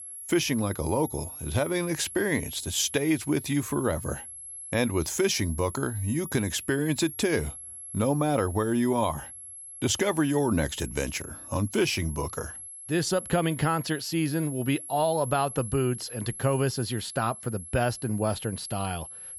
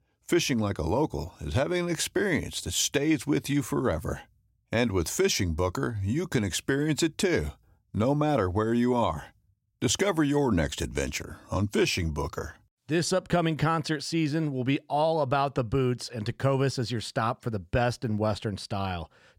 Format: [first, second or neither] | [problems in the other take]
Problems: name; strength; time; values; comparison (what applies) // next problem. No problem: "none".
second | high-pitched whine; noticeable; throughout; 11 kHz, 10 dB below the speech